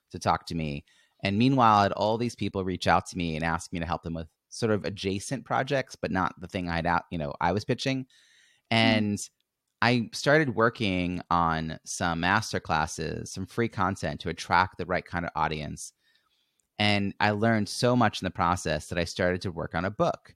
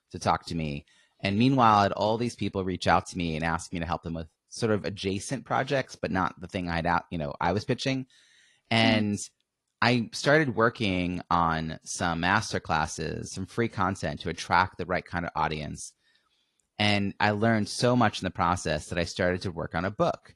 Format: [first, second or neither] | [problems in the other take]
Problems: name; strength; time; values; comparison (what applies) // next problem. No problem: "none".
first | garbled, watery; slightly